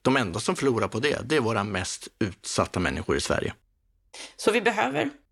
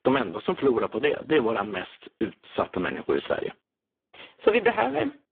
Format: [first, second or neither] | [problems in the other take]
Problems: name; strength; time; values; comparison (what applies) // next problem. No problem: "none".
first | phone-call audio; poor line